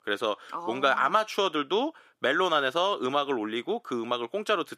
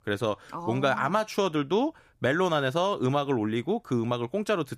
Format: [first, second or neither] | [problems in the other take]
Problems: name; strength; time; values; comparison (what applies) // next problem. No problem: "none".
second | thin; somewhat; fading below 350 Hz